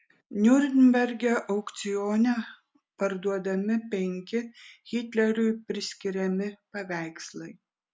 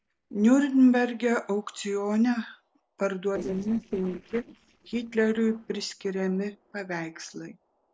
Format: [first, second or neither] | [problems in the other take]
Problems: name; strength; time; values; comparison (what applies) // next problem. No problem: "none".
first | noise reduction (neural separator model SepFormer DNS4)